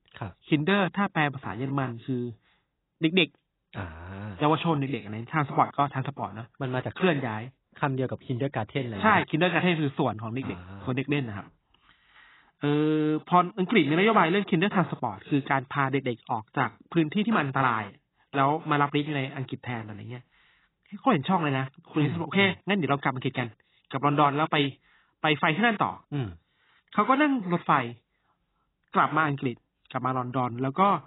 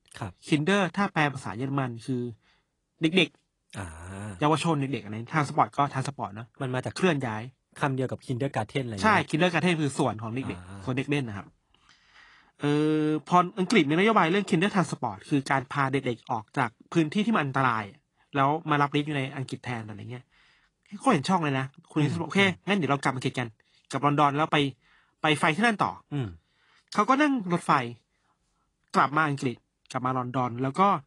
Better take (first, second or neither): second